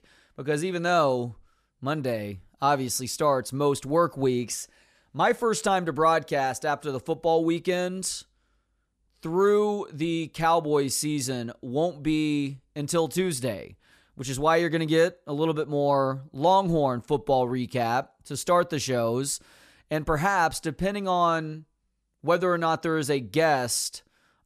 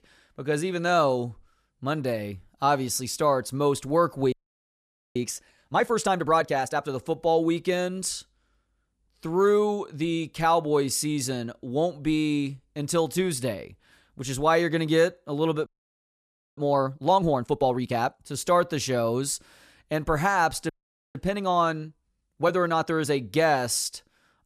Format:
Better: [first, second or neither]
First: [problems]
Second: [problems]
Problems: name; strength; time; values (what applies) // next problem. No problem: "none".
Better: first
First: none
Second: audio freezing; at 4.5 s for 1 s, at 16 s for 1 s and at 21 s